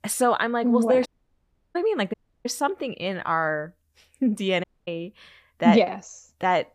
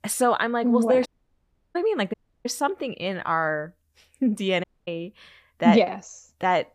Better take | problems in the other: neither | audio cutting out; at 1 s for 0.5 s, at 2 s and at 4.5 s; the same in both

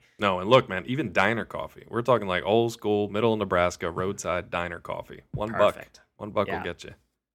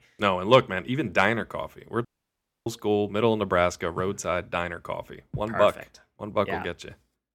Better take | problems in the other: first | audio cutting out; at 2 s for 0.5 s

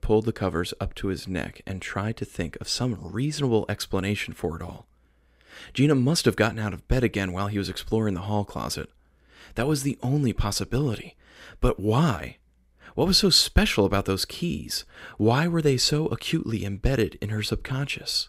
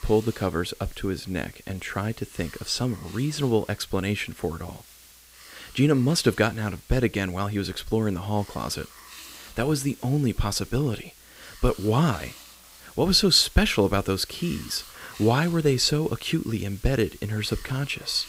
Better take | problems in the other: first | hiss; faint; throughout; 20 dB below the speech

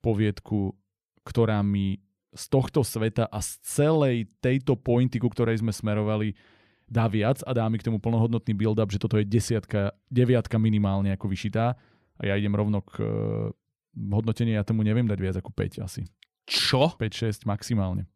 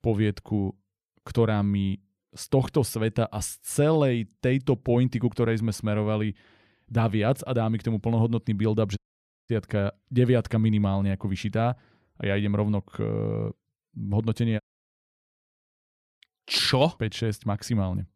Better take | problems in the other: first | audio cutting out; at 9 s for 0.5 s and at 15 s for 1.5 s

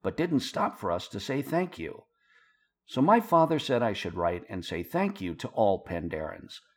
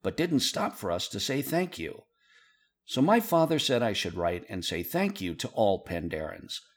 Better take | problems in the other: second | muffled; slightly; fading above 3 kHz

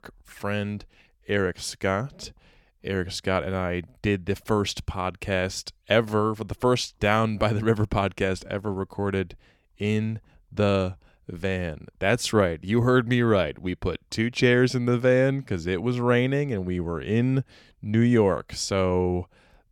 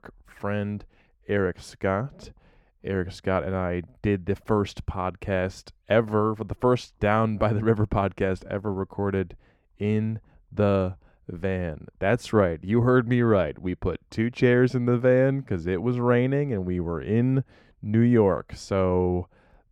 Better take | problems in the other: first | muffled; slightly; fading above 2.5 kHz

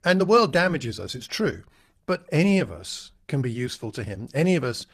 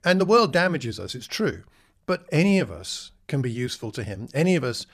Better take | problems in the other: second | garbled, watery; slightly; nothing above 14.5 kHz

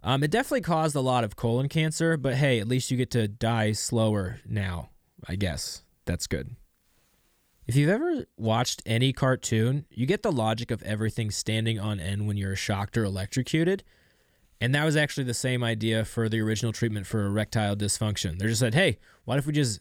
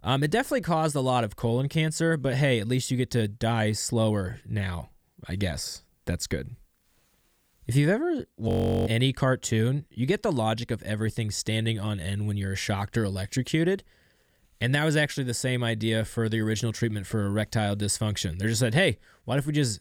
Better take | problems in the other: first | audio freezing; at 8.5 s

